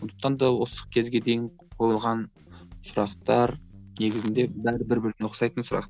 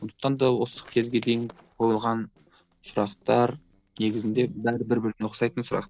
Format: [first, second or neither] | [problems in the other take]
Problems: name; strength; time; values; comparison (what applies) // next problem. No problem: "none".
first | noise reduction (neural separator model SepFormer DNS4)